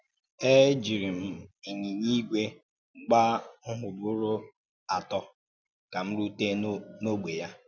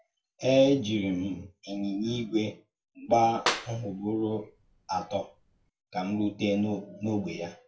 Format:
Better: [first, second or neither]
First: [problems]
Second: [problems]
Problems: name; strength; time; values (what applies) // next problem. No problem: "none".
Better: first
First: none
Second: background sound (Clapping); 9 dB below the speech // room echo; dies away in 0.2 s